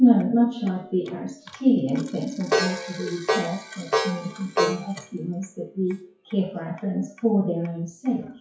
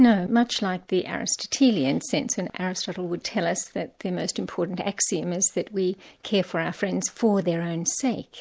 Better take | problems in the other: second | noise reduction (classical method WPE with log-MMSE)

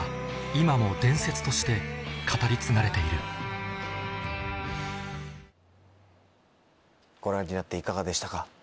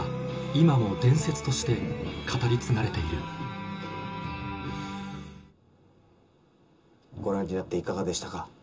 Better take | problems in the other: first | background sound (Thunder); 16 dB below the speech // room echo; dies away in 0.2 s

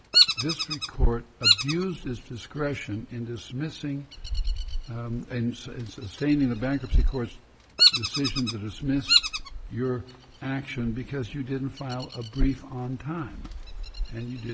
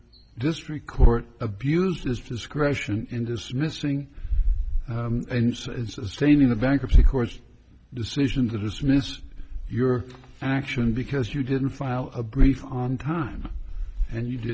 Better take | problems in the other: second | background sound (Bird vocalization, bird call, bird song); 1 dB below the speech

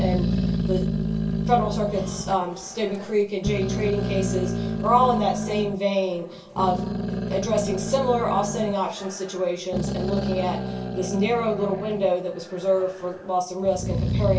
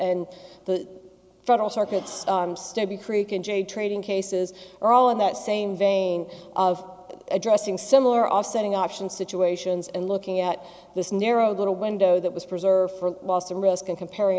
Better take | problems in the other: second | background sound (Growling); 2 dB below the speech // room echo; dies away in 0.3 s

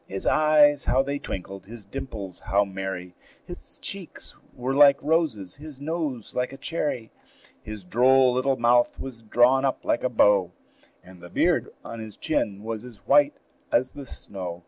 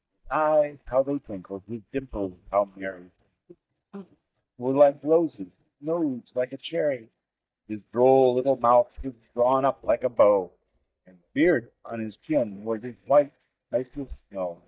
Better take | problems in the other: first | noise reduction (neural mask model DeepFilterNet 3)

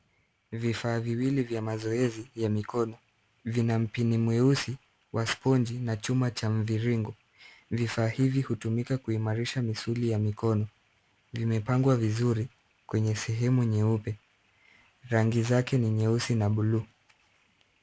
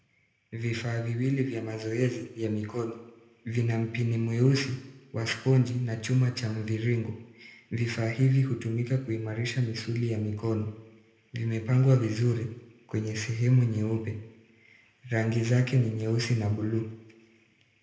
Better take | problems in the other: first | room echo; dies away in 0.6 s

